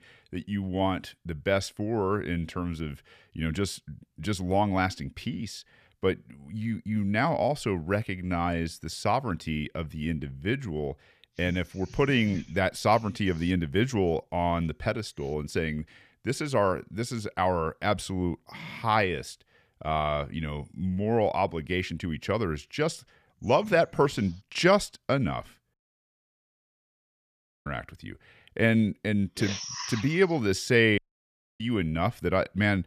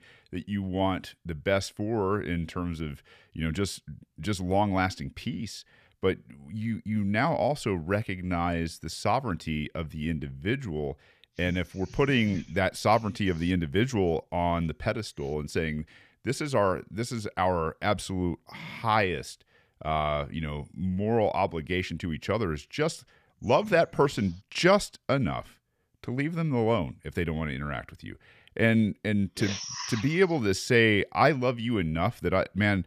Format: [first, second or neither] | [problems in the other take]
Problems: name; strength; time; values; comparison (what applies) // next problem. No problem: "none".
second | audio cutting out; at 26 s for 2 s and at 31 s for 0.5 s